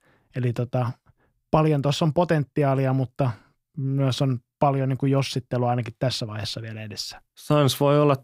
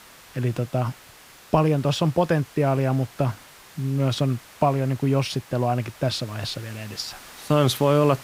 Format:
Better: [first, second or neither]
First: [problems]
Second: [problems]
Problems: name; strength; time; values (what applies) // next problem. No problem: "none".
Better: first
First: none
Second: hiss; faint; throughout; 20 dB below the speech